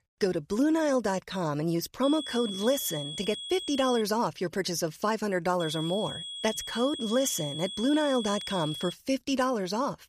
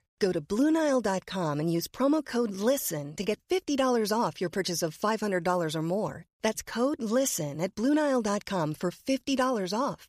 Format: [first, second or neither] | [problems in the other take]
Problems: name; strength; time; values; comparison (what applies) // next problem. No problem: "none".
second | high-pitched whine; loud; from 2 to 4 s and from 5.5 to 9 s; 3.5 kHz, 7 dB below the speech